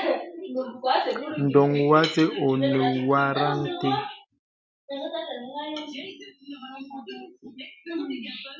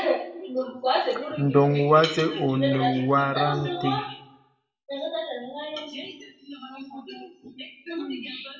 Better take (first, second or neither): first